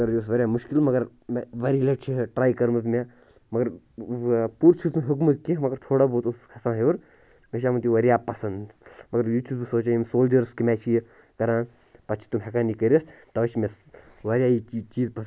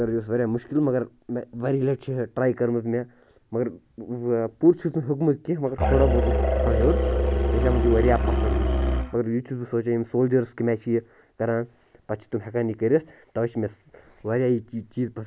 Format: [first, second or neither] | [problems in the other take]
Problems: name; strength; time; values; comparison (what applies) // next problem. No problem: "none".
first | background sound (Musical instrument); 4 dB above the speech